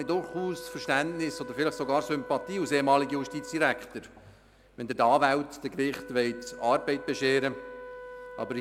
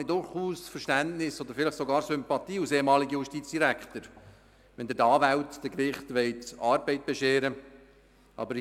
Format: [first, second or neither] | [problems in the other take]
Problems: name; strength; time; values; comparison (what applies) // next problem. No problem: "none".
second | background sound (Wind instrument, woodwind instrument); 15 dB below the speech